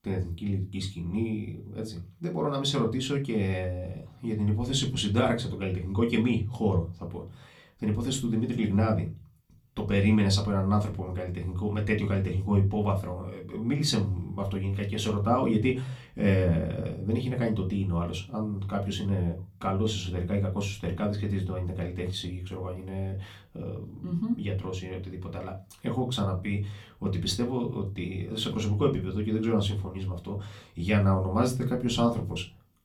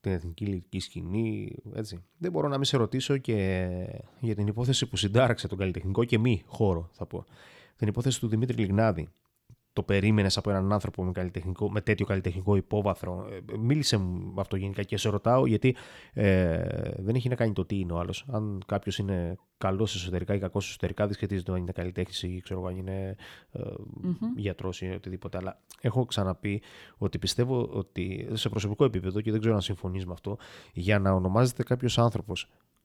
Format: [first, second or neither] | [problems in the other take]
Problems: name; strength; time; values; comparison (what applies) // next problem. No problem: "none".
second | off-mic speech; far // room echo; very slight; dies away in 0.2 s